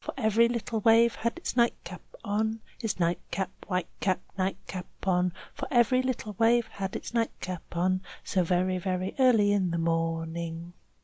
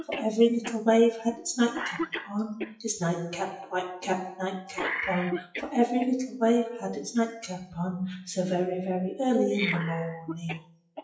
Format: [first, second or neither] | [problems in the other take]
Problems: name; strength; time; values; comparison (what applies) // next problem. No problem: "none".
first | noise reduction (classical method WPE with log-MMSE)